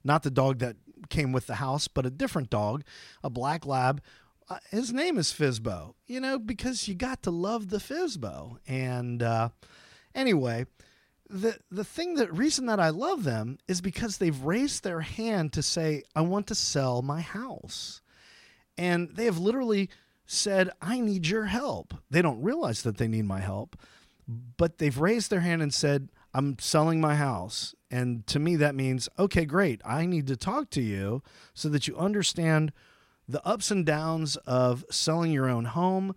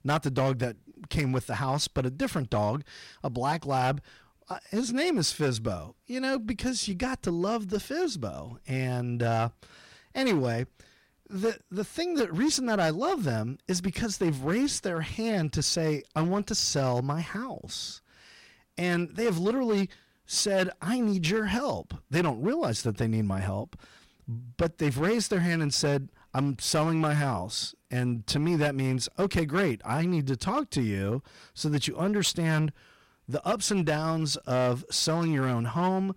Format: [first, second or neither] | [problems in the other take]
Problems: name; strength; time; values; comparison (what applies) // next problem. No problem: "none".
first | distortion; slight; 6% of the sound clipped